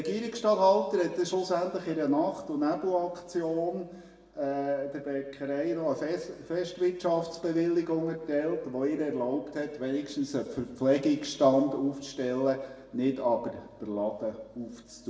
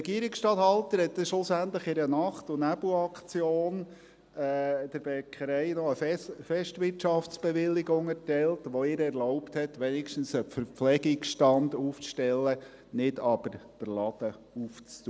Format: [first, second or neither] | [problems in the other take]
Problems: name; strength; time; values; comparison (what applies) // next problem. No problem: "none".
second | room echo; dies away in 1 s